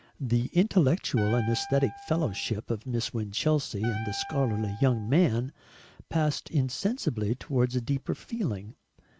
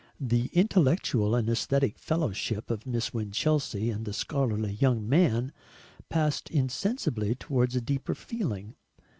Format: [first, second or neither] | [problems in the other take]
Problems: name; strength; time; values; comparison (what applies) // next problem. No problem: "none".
second | background sound (Wind instrument, woodwind instrument); 15 dB below the speech